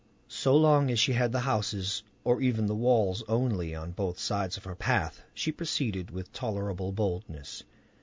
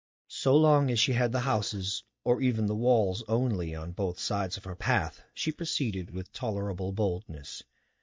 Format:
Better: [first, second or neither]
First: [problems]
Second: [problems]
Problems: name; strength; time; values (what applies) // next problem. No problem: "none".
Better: first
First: none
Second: noise reduction (neural mask model DeepFilterNet 3)